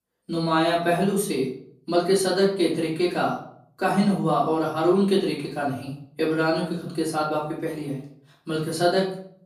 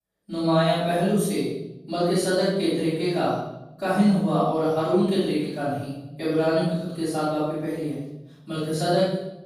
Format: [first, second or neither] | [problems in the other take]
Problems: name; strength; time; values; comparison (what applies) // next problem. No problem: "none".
first | room echo; strong; dies away in 0.9 s; slight in the first // off-mic speech; far; far in the first